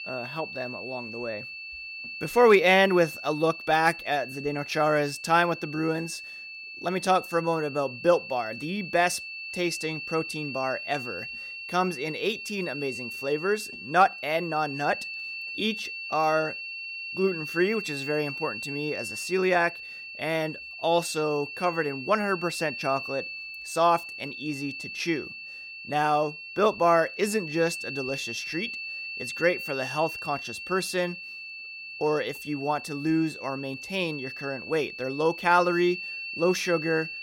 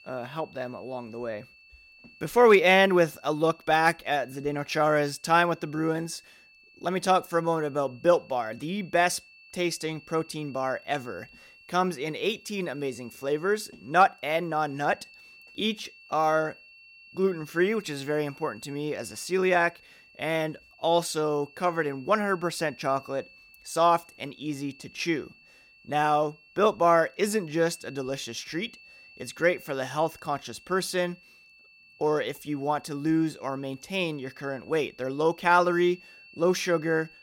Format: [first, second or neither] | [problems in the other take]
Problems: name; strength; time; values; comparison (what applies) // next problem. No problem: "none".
second | high-pitched whine; loud; throughout; 2.5 kHz, 8 dB below the speech; faint in the second